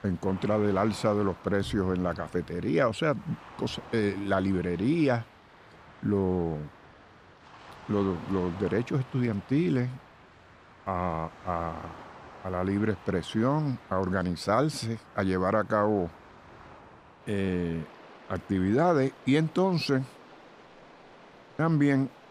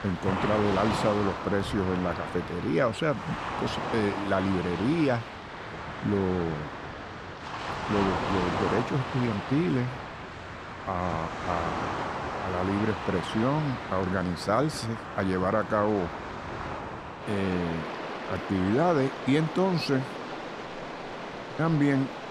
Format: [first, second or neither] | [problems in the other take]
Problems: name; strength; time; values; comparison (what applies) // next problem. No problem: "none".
first | rain or running water; loud; throughout; 6 dB below the speech; faint in the first